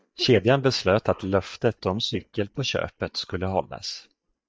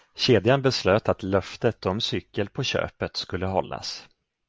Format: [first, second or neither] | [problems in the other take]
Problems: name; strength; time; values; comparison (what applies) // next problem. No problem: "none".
second | noise reduction (neural mask model DeepFilterNet 3)